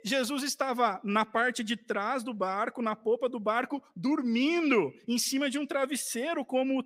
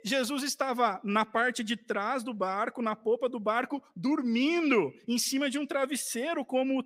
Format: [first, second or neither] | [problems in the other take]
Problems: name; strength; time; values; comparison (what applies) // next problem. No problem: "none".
neither | none